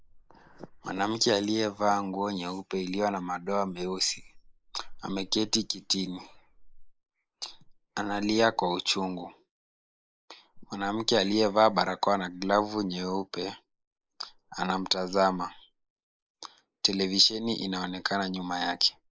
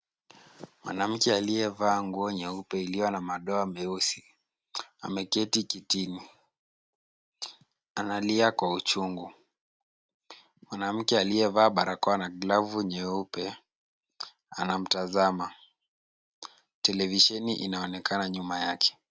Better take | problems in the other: second | noise reduction (neural mask model Resemble Enhance denoiser)

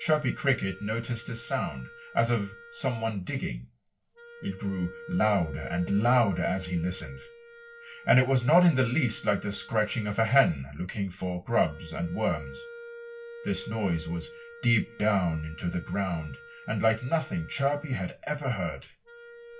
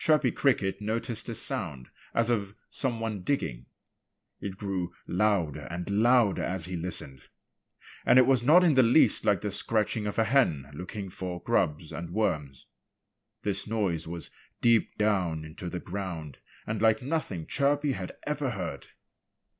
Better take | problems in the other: second | background sound (Wind instrument, woodwind instrument); 18 dB below the speech // room echo; dies away in 0.2 s

